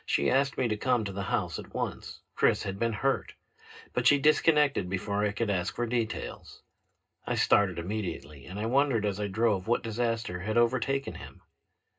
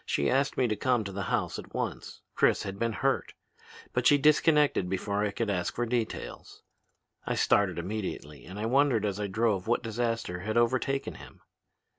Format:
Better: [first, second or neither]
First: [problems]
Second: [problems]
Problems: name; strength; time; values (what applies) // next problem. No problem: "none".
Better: second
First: room echo; dies away in 0.2 s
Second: none